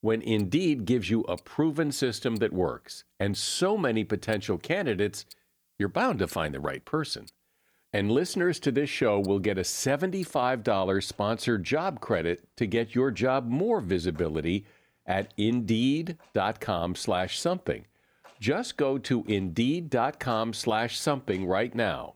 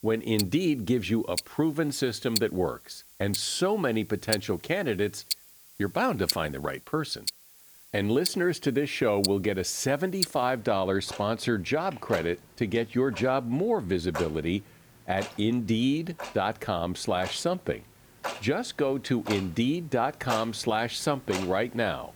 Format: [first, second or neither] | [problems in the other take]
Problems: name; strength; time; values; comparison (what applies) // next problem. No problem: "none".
first | household noises; loud; throughout; 6 dB below the speech; faint in the first